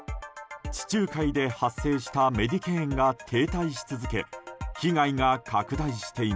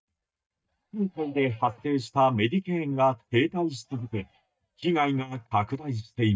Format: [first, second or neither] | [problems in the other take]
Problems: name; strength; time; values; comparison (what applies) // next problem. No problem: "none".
first | noise reduction (neural mask model DeepFilterNet 3)